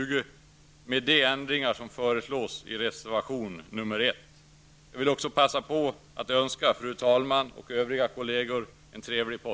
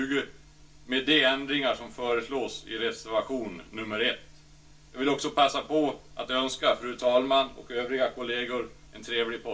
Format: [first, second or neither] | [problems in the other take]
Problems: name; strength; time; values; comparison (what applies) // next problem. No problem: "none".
first | room echo; dies away in 0.2 s